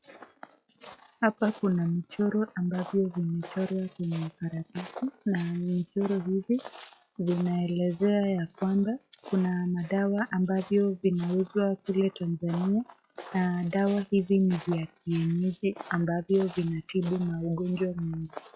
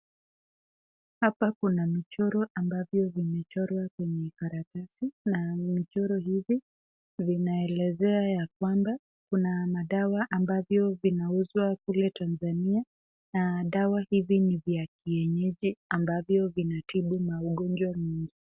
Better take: second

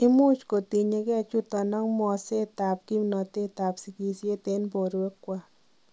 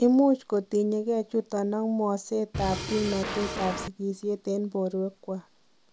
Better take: first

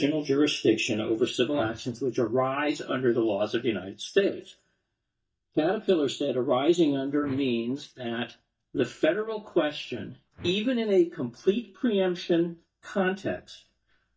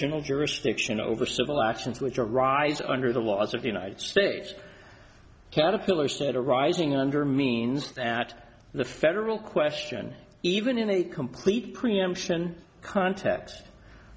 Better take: second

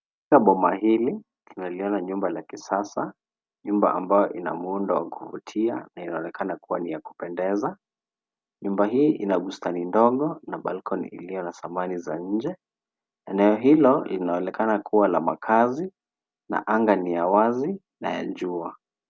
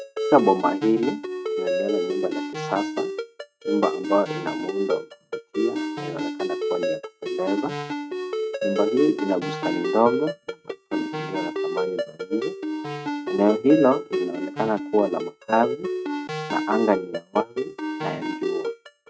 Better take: first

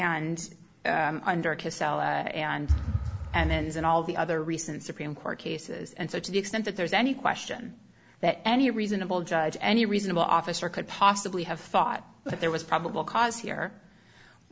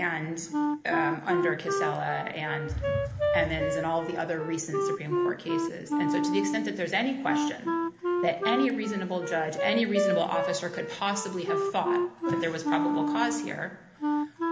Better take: first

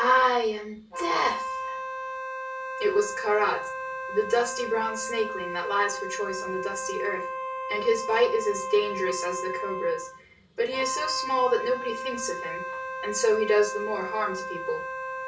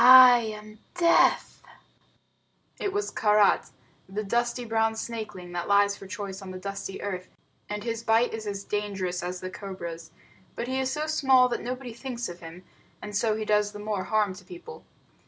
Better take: second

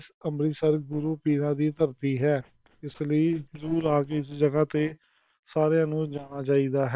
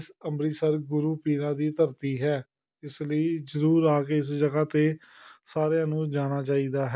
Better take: second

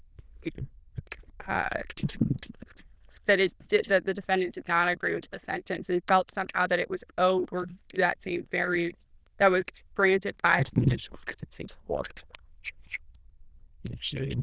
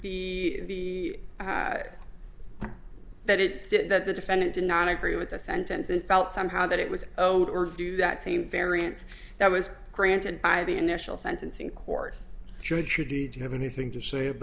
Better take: second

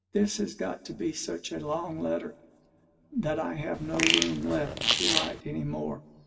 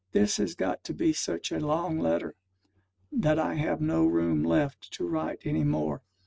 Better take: second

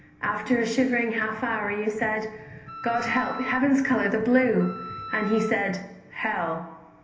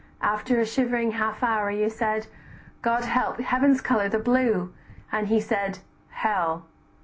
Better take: second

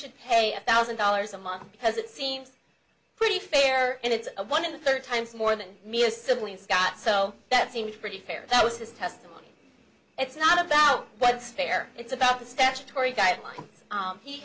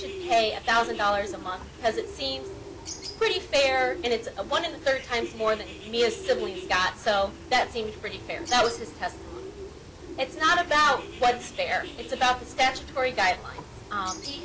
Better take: first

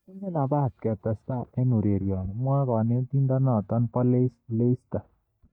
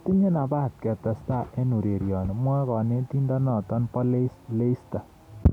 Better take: second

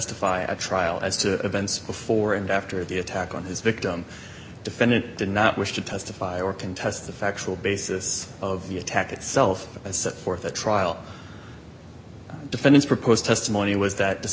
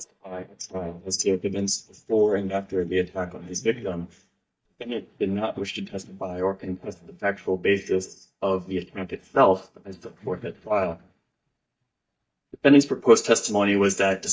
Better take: first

